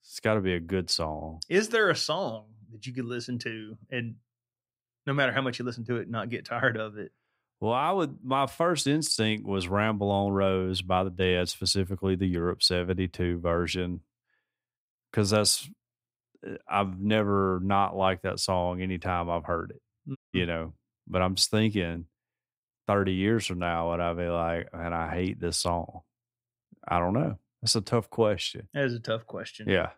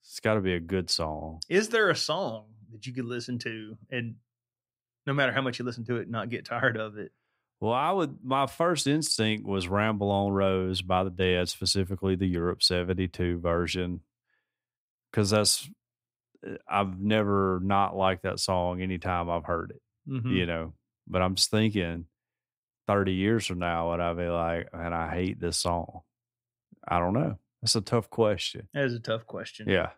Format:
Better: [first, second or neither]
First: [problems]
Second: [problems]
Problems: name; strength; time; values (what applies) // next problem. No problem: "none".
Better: second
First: audio cutting out; at 20 s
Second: none